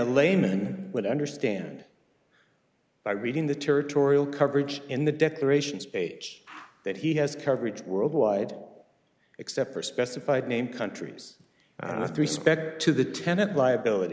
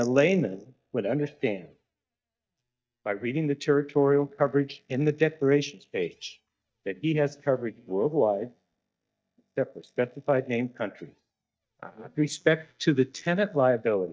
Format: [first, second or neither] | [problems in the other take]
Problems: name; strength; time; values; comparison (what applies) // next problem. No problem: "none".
first | noise reduction (neural mask model DeepFilterNet 3)